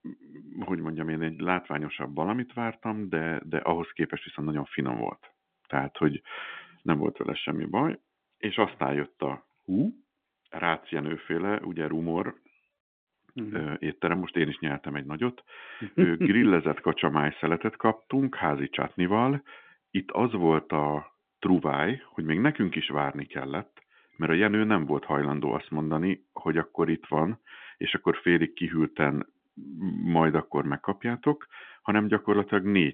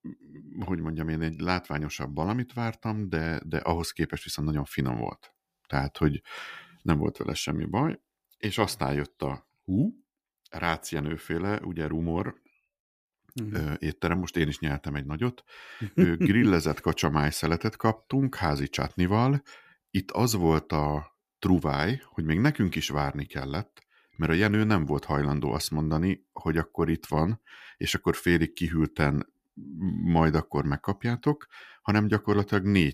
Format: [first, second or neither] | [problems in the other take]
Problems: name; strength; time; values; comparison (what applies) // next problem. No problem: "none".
second | phone-call audio; nothing above 3.5 kHz